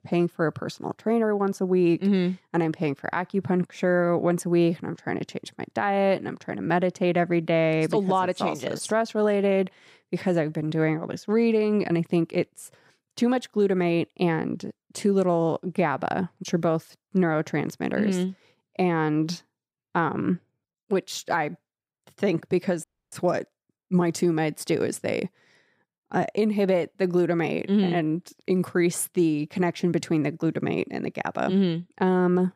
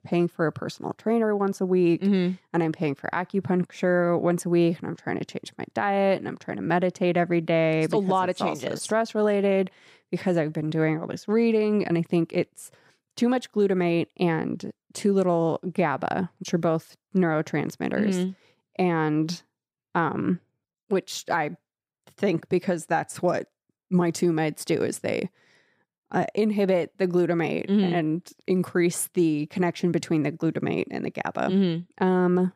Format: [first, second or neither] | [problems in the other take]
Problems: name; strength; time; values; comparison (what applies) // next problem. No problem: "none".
second | audio cutting out; at 23 s